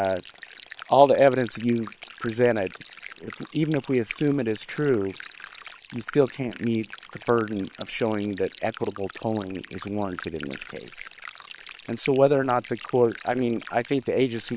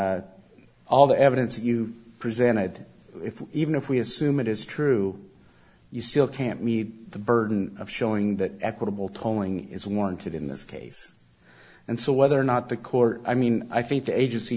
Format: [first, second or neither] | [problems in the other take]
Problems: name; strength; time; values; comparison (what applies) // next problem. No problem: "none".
second | noise reduction (neural separator model SepFormer WHAM!)